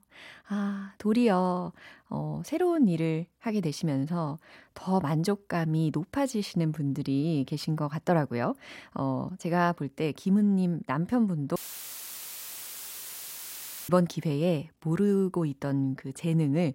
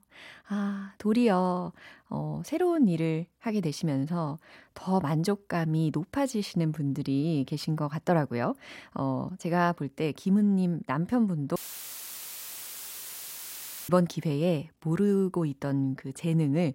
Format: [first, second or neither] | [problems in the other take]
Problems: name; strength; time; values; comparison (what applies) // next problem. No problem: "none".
neither | audio cutting out; filled with static; at 12 s for 2.5 s; the same in both